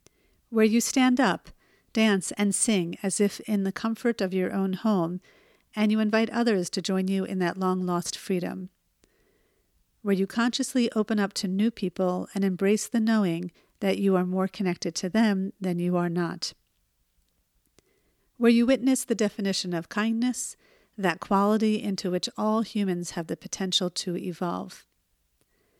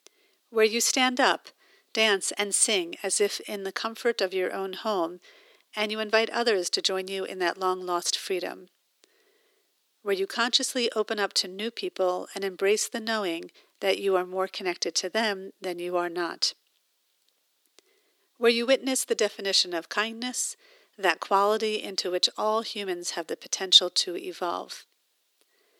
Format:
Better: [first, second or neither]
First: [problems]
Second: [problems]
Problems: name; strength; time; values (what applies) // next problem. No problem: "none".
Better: first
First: none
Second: thin; very; fading below 350 Hz